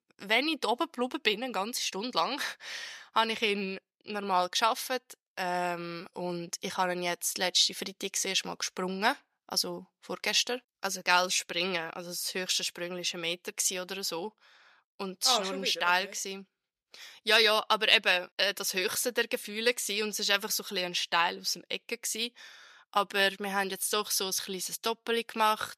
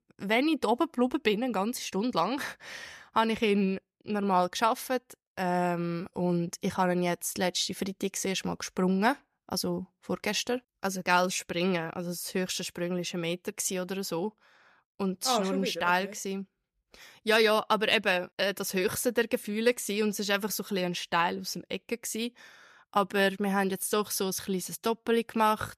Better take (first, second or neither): second